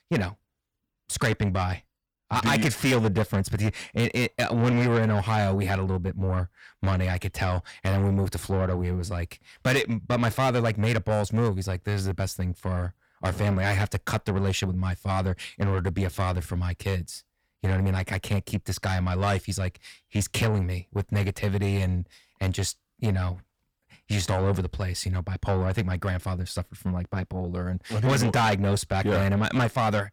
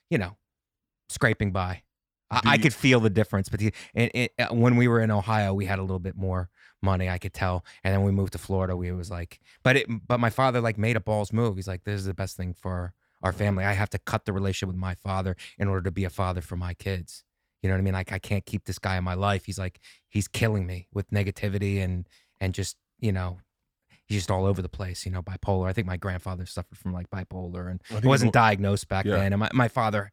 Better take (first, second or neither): second